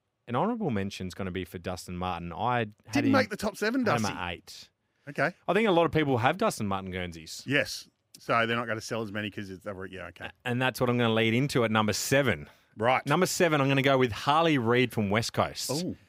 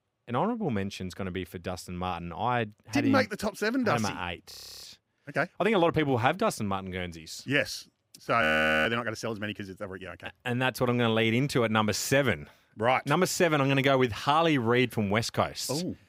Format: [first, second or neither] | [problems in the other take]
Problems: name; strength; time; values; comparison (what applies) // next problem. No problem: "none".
first | audio freezing; at 4.5 s and at 8.5 s